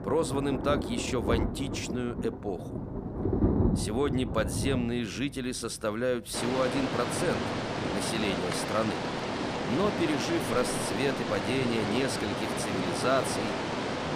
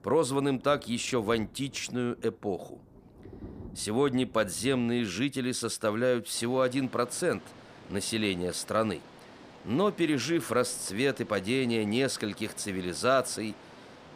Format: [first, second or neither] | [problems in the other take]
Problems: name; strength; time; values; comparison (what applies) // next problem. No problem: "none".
second | rain or running water; loud; throughout; 1 dB below the speech; faint in the second